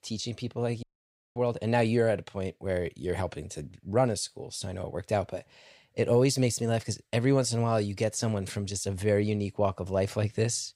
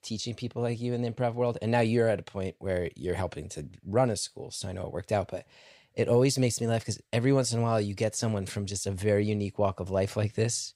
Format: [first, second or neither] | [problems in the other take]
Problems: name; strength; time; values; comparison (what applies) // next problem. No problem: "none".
second | audio cutting out; at 1 s for 0.5 s